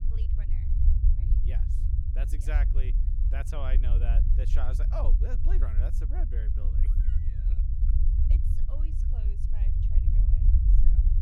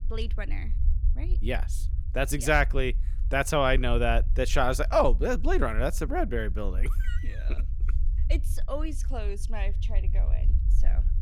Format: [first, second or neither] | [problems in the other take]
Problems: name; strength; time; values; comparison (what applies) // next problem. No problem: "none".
second | low rumble; loud; throughout; 4 dB below the speech; faint in the second